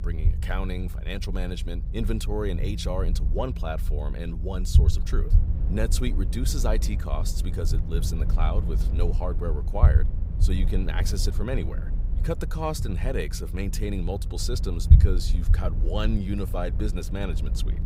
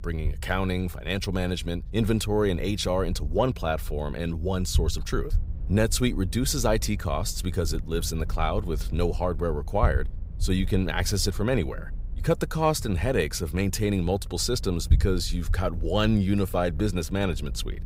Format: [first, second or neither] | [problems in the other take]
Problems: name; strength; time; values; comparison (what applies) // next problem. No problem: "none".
second | low rumble; loud; throughout; 9 dB below the speech; faint in the second